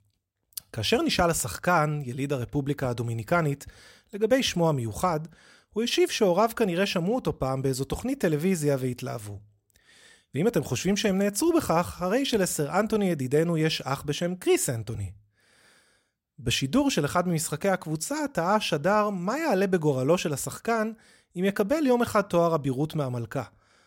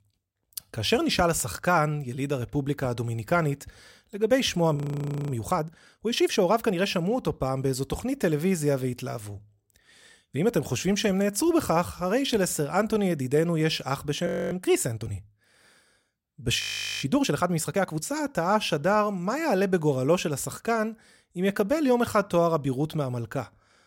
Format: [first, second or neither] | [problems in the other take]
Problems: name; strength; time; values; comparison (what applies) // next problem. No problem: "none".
first | audio freezing; at 5 s for 0.5 s, at 14 s and at 17 s